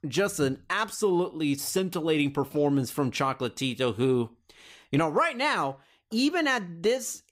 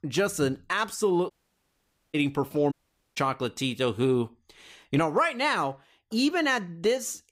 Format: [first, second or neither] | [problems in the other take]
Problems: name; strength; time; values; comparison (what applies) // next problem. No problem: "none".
first | audio cutting out; at 1.5 s for 1 s and at 2.5 s